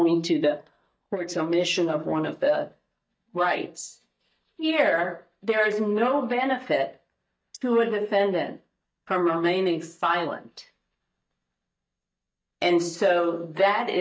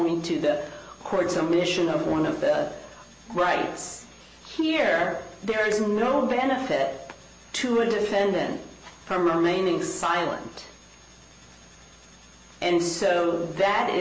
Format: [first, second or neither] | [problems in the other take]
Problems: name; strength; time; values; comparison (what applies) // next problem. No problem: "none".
second | noise reduction (neural mask model DeepFilterNet 3)